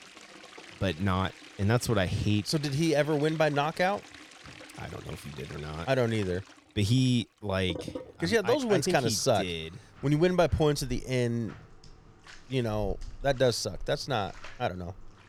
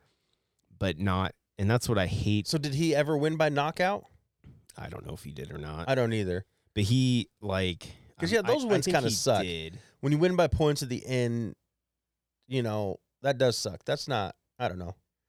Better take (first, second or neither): second